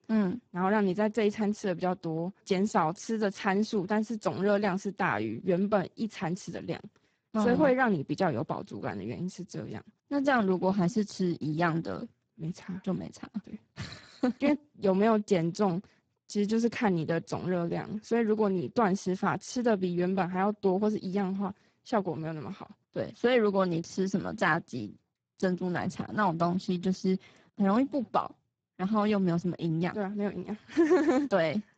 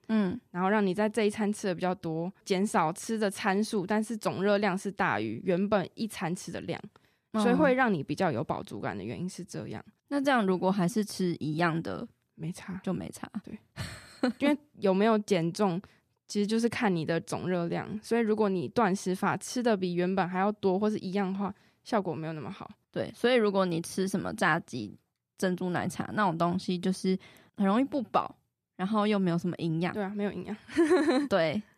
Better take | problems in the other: second | garbled, watery; badly; nothing above 7.5 kHz

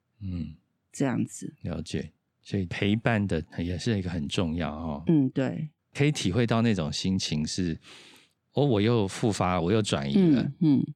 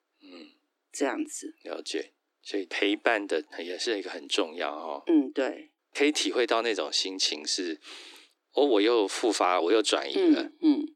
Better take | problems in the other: first | thin; somewhat; fading below 300 Hz

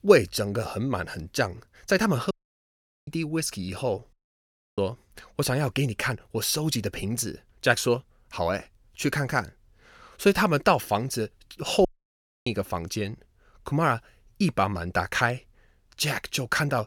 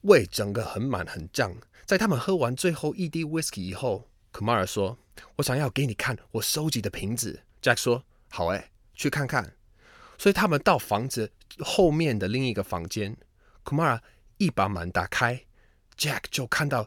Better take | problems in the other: second | audio cutting out; at 2.5 s for 1 s, at 4 s for 0.5 s and at 12 s for 0.5 s

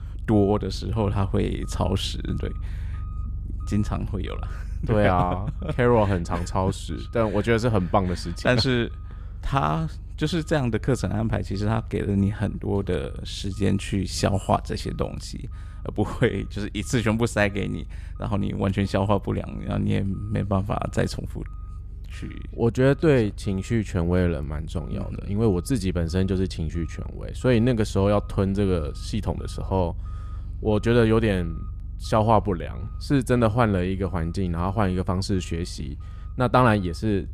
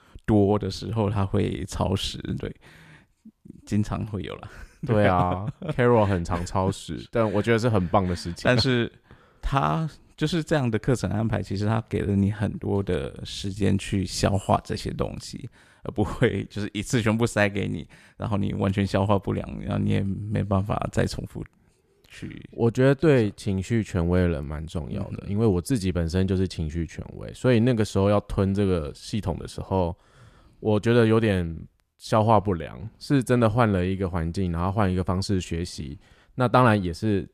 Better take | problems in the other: second | low rumble; faint; throughout; 25 dB below the speech

